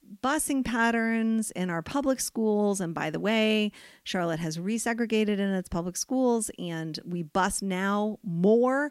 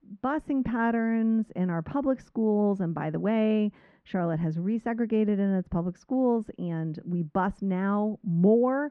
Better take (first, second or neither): first